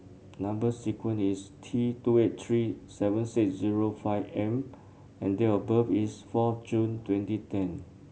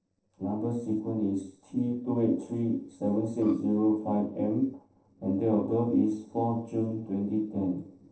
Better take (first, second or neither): first